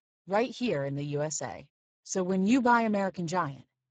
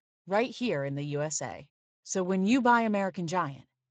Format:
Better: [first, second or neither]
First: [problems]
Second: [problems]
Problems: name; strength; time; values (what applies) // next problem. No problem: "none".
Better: second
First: garbled, watery; badly; nothing above 7.5 kHz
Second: garbled, watery; slightly